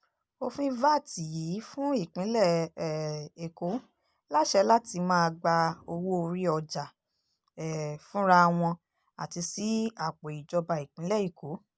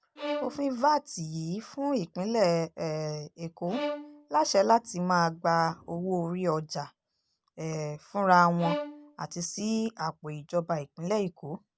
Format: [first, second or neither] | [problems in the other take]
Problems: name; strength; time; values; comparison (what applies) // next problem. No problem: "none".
first | background sound (Bowed string instrument); 10 dB below the speech